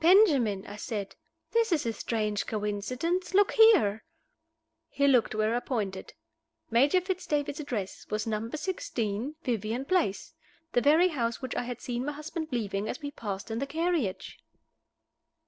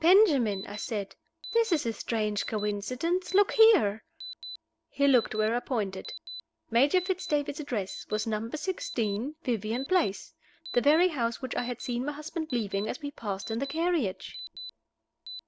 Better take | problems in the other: first | background sound (Alarm); 16 dB below the speech

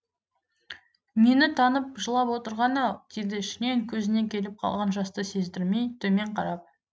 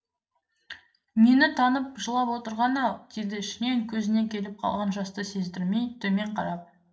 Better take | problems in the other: first | room echo; dies away in 0.4 s

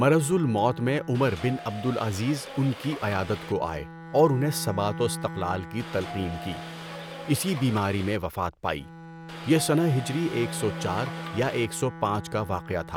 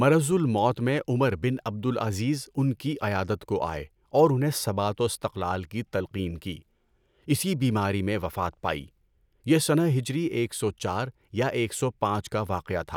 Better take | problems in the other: second | background sound (Bowed string instrument + Subway, metro, underground / Doorbell); 12 dB below the speech

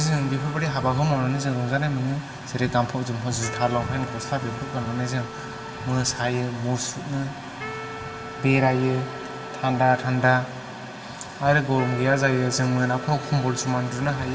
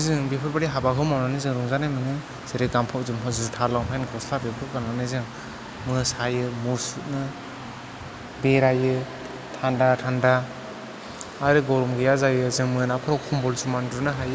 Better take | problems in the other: second | background sound (Wind instrument, woodwind instrument); 16 dB below the speech // room echo; dies away in 2.1 s

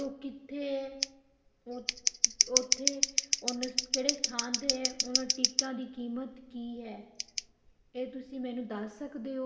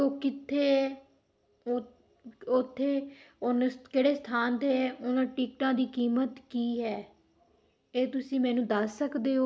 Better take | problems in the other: second | background sound (Scissors); 5 dB above the speech // room echo; dies away in 1 s

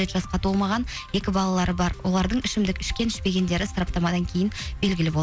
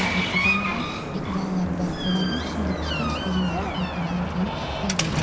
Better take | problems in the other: first | background sound (Door); 1 dB above the speech // room echo; dies away in 0.4 s

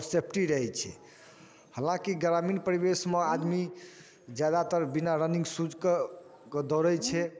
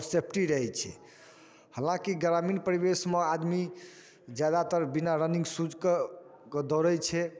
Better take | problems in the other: second | background sound (Bird); 19 dB below the speech

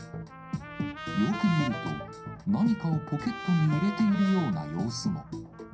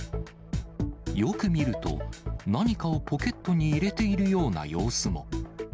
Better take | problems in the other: second | background sound (Trumpet); 12 dB below the speech // room echo; dies away in 0.3 s

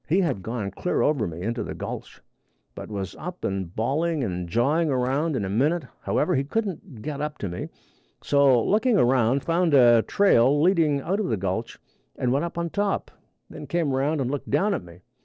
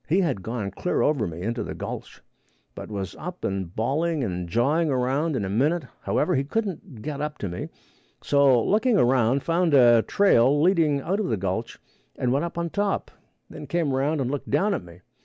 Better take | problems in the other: second | noise reduction (neural separator model SepFormer DNS4)

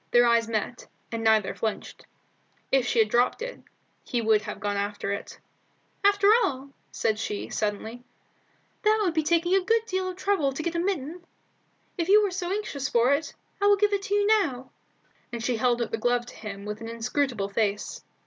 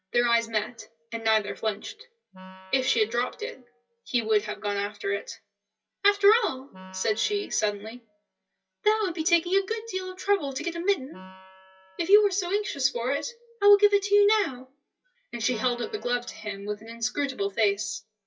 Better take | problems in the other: first | noise reduction (classical method WPE with log-MMSE)

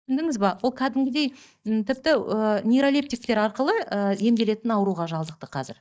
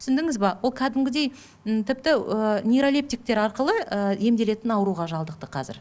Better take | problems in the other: second | noise reduction (neural mask model DeepFilterNet 3)

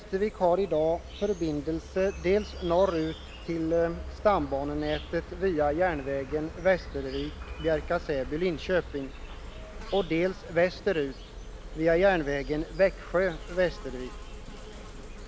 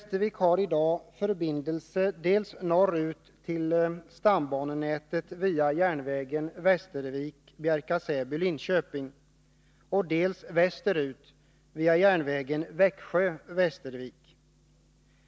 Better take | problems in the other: second | background sound (Insect); 12 dB below the speech

